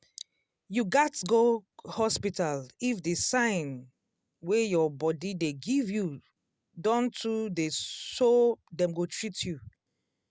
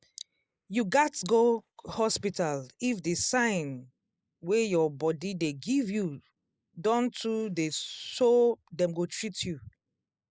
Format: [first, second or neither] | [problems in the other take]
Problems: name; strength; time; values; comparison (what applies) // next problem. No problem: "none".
first | noise reduction (neural mask model Resemble Enhance denoiser)